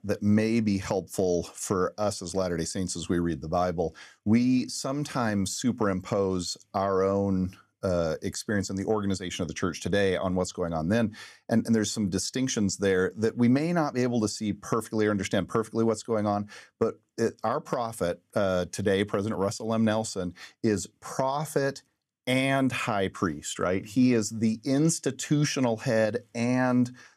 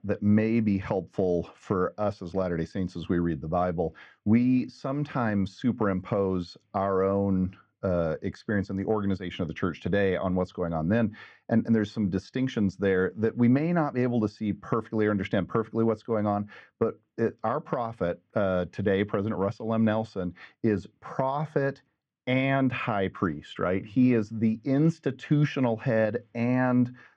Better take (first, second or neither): first